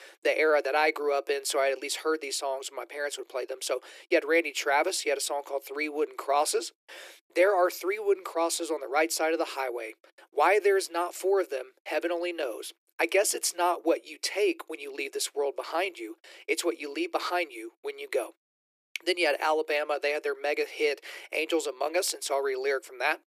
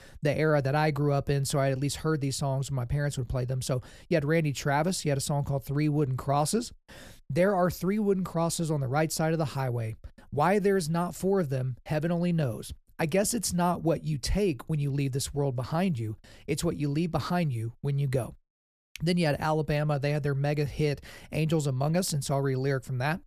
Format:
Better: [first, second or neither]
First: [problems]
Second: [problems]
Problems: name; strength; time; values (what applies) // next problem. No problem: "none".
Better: second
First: thin; very; fading below 350 Hz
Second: none